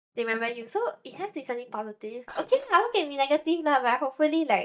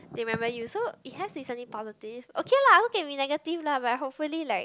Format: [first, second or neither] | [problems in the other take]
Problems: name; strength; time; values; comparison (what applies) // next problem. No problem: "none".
second | noise reduction (neural mask model DeepFilterNet 3)